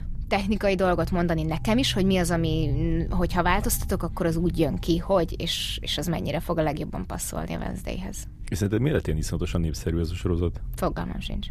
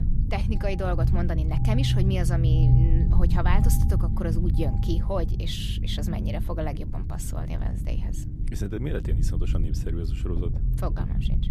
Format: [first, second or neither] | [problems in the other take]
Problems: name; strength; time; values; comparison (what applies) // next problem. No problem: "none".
first | low rumble; loud; throughout; 5 dB below the speech; faint in the first